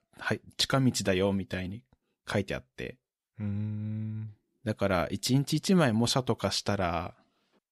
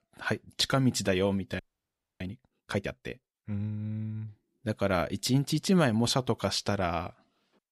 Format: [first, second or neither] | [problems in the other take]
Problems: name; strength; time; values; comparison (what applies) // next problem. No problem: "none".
first | audio freezing; at 1.5 s for 0.5 s